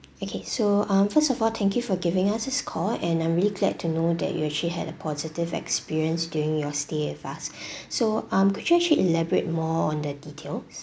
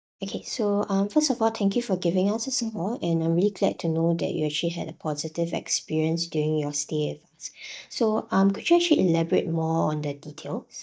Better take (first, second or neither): first